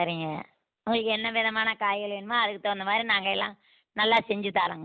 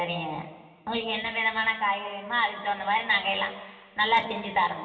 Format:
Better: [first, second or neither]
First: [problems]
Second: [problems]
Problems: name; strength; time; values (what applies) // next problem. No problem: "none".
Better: first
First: none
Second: room echo; dies away in 2.6 s